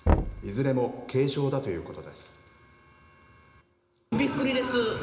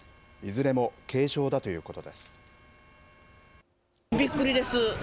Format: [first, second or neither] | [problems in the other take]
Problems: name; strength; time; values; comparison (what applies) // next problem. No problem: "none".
second | background sound (Knock); 2 dB below the speech // room echo; dies away in 0.8 s